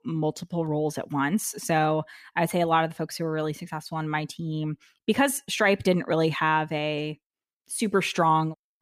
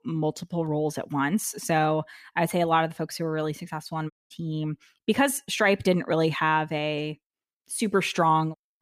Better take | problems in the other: first | audio cutting out; at 4 s

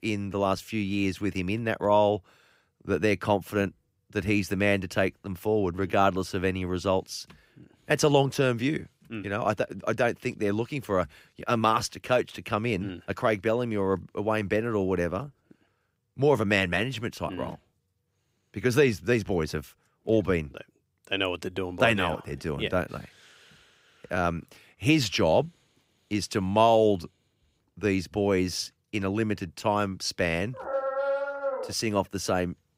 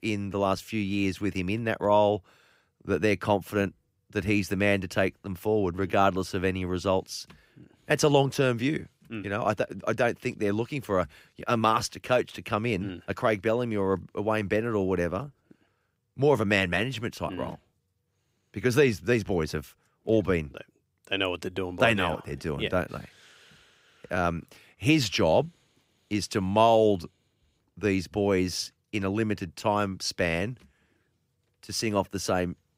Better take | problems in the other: second | dog barking; noticeable; from 31 to 32 s; peak 1 dB below the speech

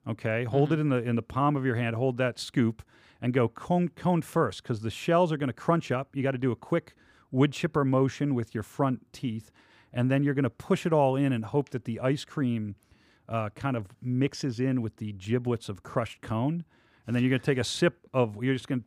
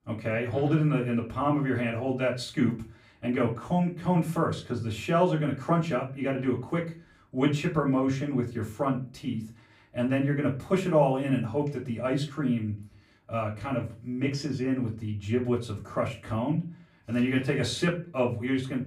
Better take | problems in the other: first | off-mic speech; far // room echo; very slight; dies away in 0.3 s

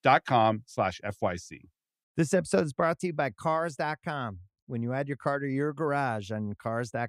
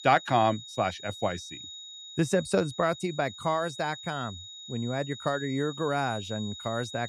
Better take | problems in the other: first | high-pitched whine; noticeable; throughout; 4 kHz, 10 dB below the speech

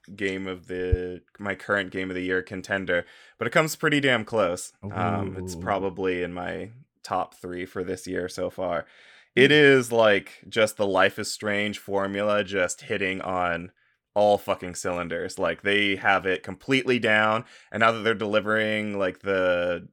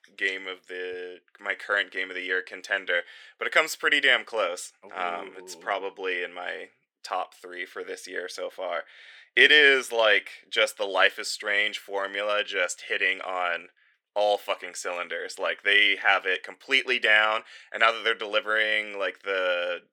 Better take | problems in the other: first | thin; very; fading below 400 Hz

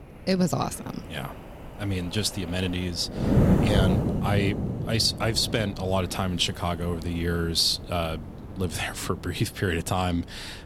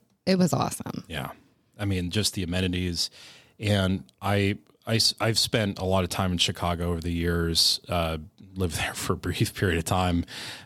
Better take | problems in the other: second | wind noise on the microphone; heavy; 8 dB below the speech

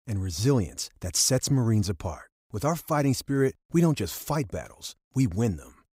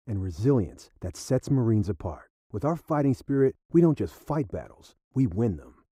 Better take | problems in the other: first | muffled; very; fading above 2 kHz

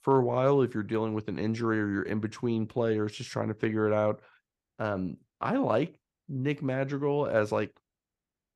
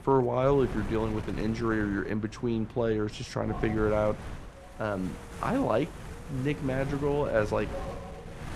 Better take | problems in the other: first | wind noise on the microphone; occasional gusts; 15 dB below the speech

